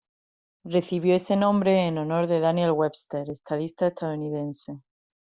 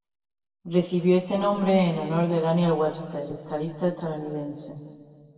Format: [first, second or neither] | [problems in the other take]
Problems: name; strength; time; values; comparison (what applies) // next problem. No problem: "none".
first | room echo; dies away in 1.9 s